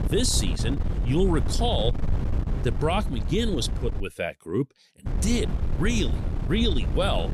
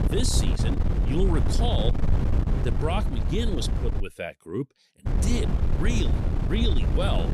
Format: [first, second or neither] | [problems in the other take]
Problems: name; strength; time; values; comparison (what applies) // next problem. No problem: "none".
first | wind noise on the microphone; heavy; until 4 s and from 5 s on; 4 dB below the speech; occasional gusts in the first